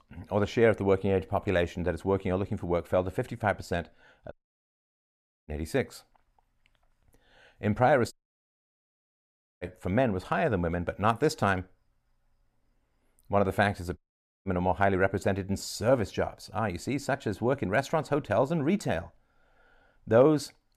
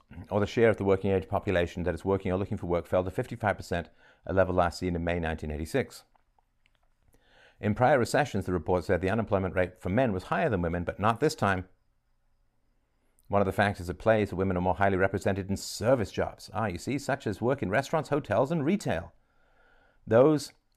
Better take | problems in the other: second | audio cutting out; at 4.5 s for 1 s, at 8 s for 1.5 s and at 14 s

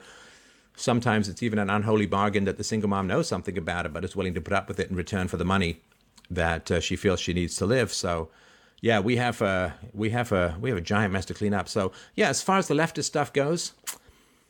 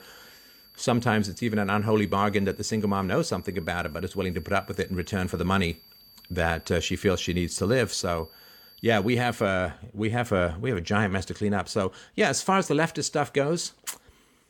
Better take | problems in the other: first | high-pitched whine; faint; until 9.5 s; 4.5 kHz, 25 dB below the speech

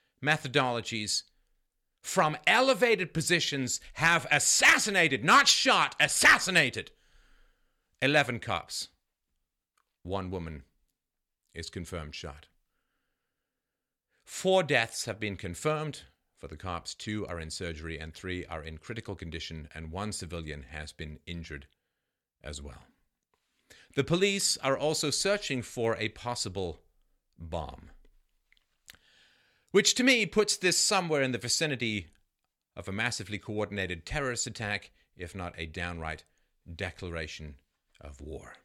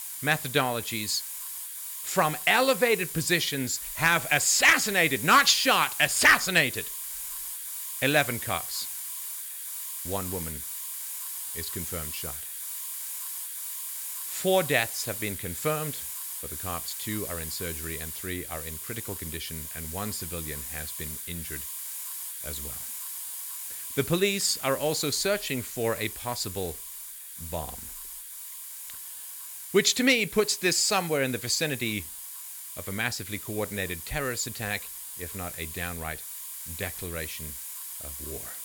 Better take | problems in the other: first | hiss; loud; throughout; 8 dB below the speech

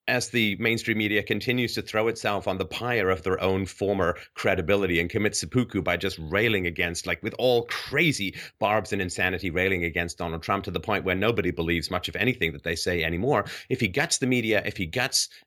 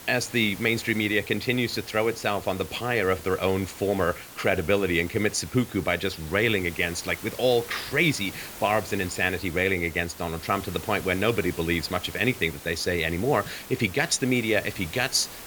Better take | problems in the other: first | hiss; noticeable; throughout; 15 dB below the speech

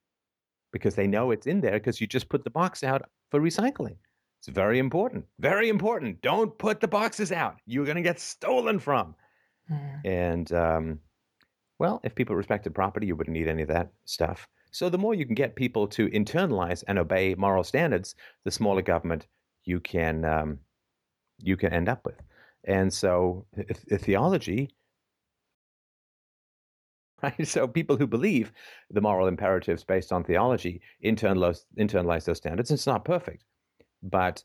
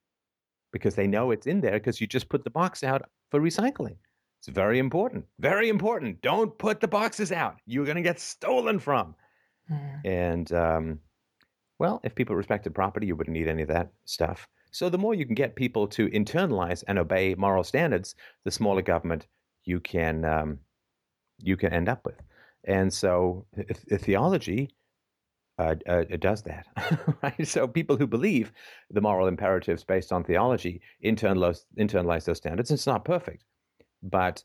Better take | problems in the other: second | audio cutting out; at 26 s for 1.5 s

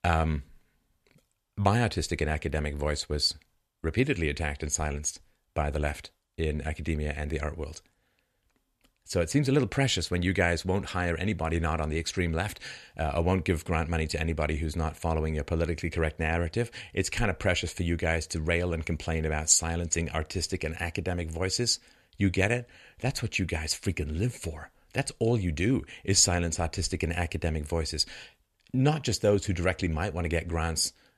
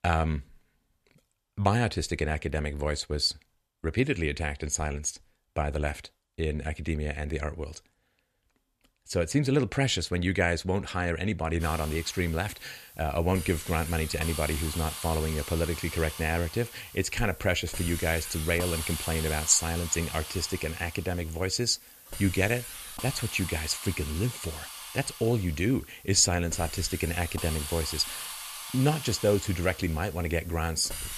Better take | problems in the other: first | hiss; loud; from 12 s on; 9 dB below the speech

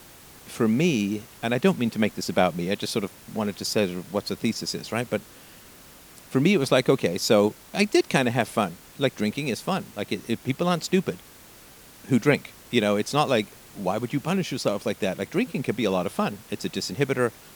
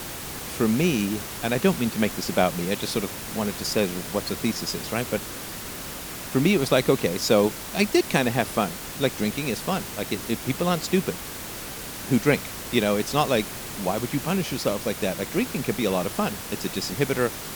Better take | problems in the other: first | hiss; loud; throughout; 8 dB below the speech; faint in the first

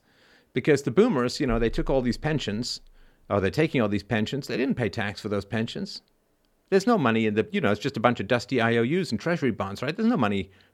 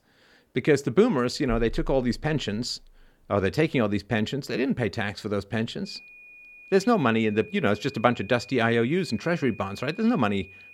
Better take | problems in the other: first | high-pitched whine; faint; from 6 s on; 2.5 kHz, 20 dB below the speech

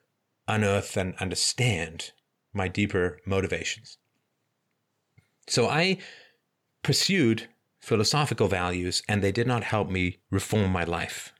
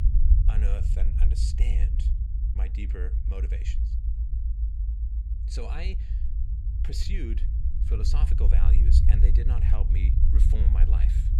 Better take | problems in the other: first | low rumble; loud; throughout; 2 dB below the speech

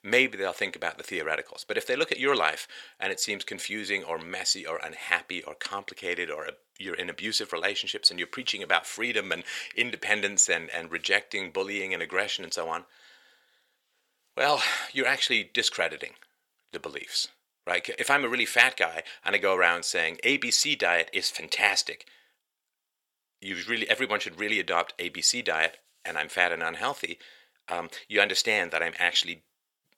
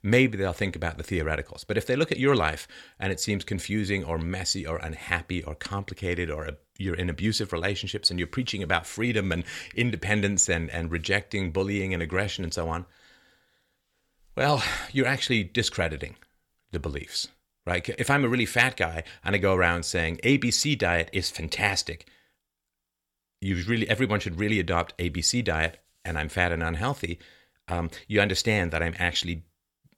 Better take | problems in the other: second | thin; somewhat; fading below 500 Hz

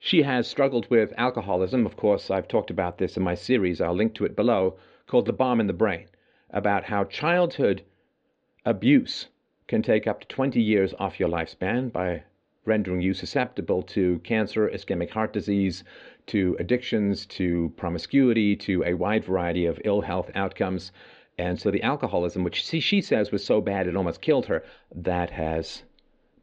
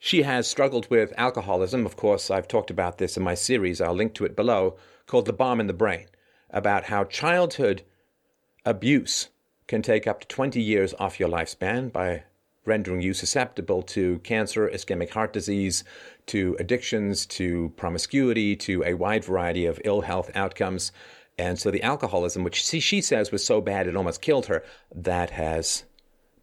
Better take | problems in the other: second | muffled; slightly; fading above 4 kHz

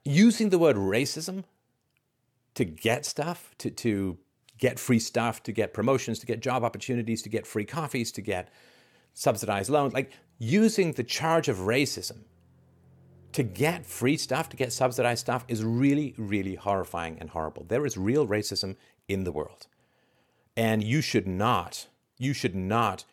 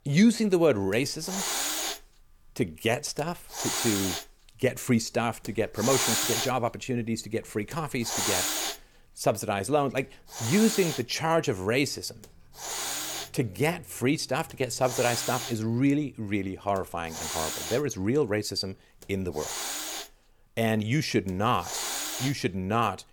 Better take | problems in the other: first | hiss; loud; throughout; 2 dB below the speech

